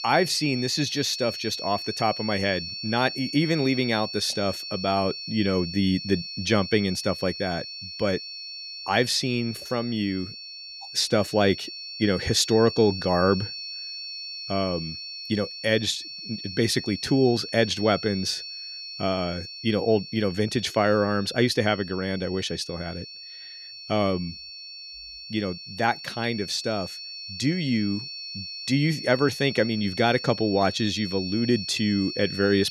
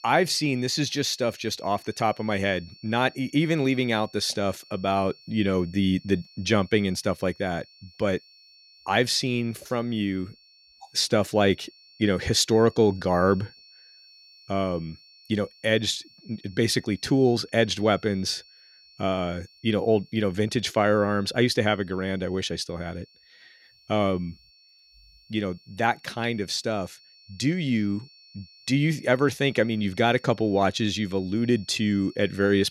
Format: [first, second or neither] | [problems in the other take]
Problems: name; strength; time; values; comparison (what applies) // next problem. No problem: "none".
second | high-pitched whine; loud; throughout; 4.5 kHz, 9 dB below the speech; faint in the second